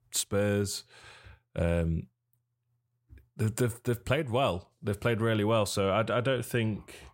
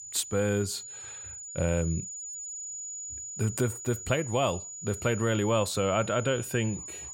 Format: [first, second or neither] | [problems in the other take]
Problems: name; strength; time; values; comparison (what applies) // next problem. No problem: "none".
first | high-pitched whine; loud; throughout; 7 kHz, 9 dB below the speech